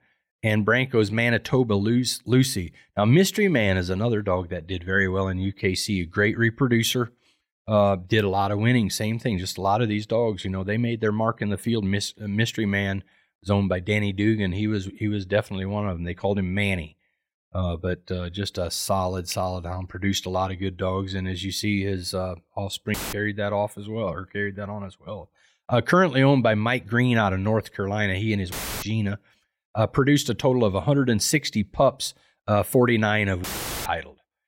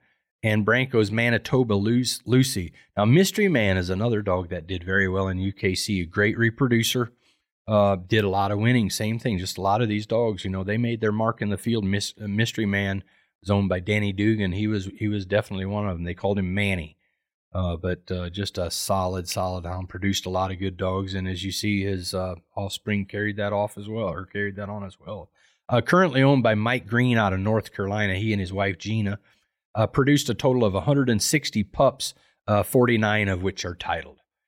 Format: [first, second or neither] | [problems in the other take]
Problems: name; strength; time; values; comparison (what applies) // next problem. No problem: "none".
second | audio cutting out; filled with static; at 23 s, at 29 s and at 33 s